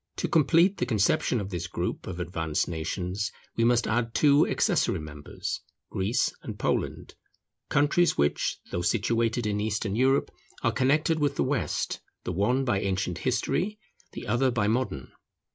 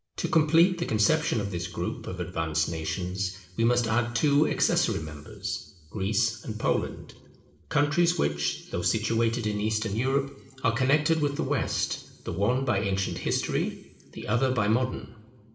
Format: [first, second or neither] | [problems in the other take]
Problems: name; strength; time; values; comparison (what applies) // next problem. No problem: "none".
first | room echo; dies away in 1.9 s